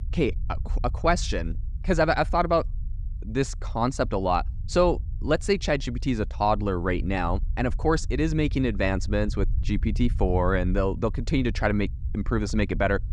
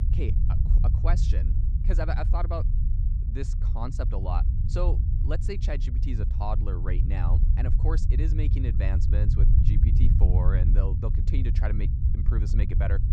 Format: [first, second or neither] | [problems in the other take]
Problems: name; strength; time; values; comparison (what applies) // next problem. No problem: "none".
first | low rumble; loud; throughout; 4 dB below the speech; faint in the first